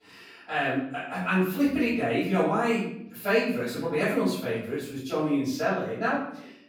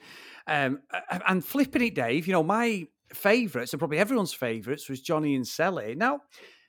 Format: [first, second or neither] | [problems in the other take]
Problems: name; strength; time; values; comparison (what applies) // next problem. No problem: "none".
second | off-mic speech; far // room echo; noticeable; dies away in 0.7 s